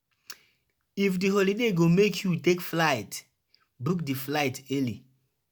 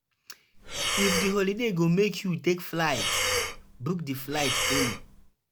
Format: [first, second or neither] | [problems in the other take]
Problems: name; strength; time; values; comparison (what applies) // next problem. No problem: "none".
first | background sound (Breathing); 1 dB below the speech